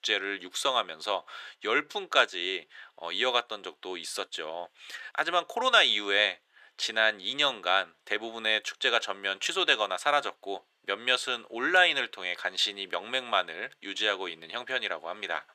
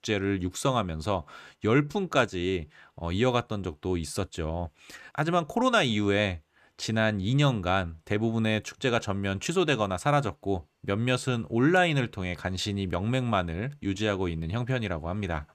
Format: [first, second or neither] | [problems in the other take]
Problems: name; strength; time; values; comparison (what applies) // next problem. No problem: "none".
second | thin; very; fading below 450 Hz